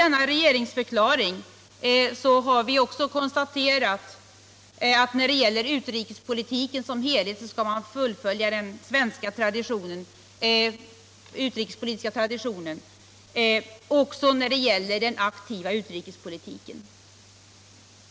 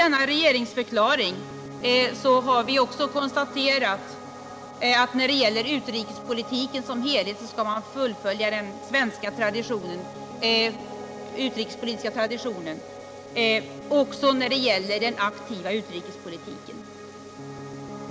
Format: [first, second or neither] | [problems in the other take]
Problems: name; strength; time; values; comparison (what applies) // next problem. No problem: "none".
first | background sound (Piano); 13 dB below the speech